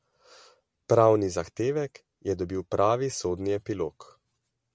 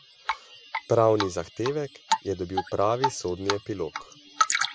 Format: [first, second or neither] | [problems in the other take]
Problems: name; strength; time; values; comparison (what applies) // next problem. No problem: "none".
first | background sound (Drip); 3 dB below the speech